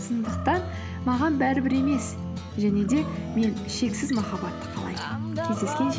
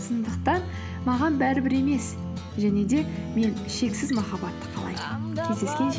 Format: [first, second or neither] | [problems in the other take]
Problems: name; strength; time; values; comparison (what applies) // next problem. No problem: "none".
second | background sound (Animal); 18 dB below the speech